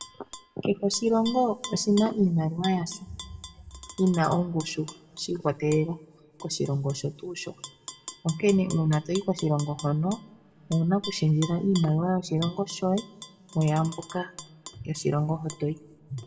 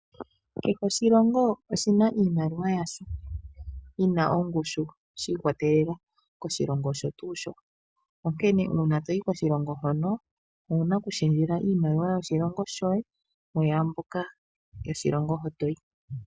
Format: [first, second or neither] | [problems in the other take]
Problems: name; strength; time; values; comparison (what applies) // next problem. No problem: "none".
second | background sound (Tap / Glass); 17 dB below the speech // room echo; dies away in 1.9 s